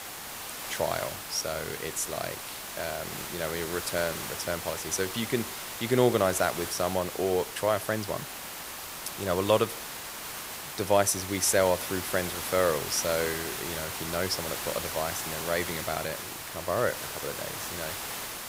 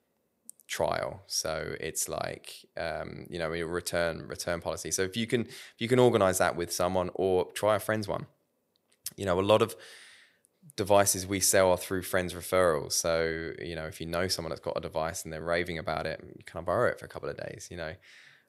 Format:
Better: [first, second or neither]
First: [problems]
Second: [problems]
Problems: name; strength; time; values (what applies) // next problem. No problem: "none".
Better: second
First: hiss; loud; throughout; 5 dB below the speech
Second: none